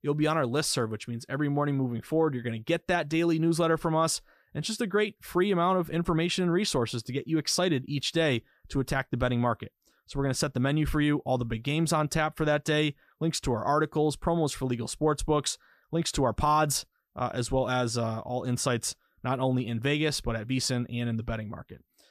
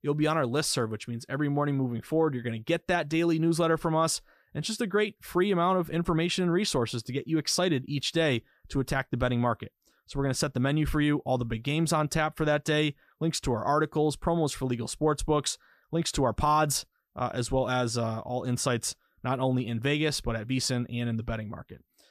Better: neither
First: none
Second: none

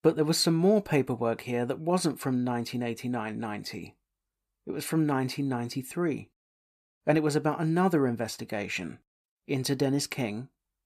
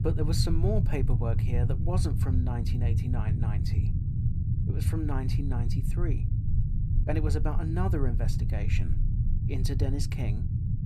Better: first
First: none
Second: low rumble; loud; throughout; 4 dB below the speech

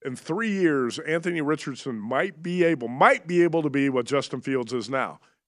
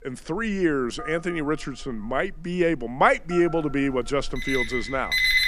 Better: first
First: none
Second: alarms or sirens; loud; throughout; 3 dB below the speech

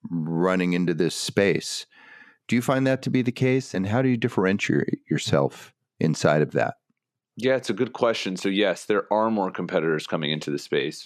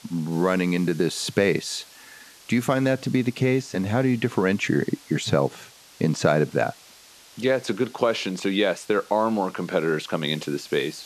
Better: first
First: none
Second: hiss; faint; throughout; 25 dB below the speech

